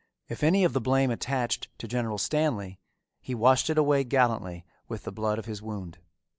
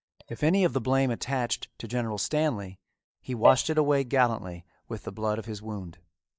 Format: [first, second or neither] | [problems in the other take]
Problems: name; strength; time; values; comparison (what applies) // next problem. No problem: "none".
first | noise reduction (neural mask model DeepFilterNet 3)